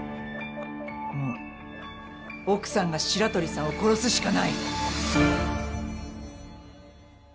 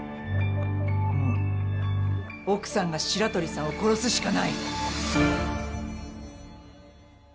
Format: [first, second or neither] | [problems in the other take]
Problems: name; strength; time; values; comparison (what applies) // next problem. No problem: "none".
first | background sound (Bowed string instrument); 2 dB above the speech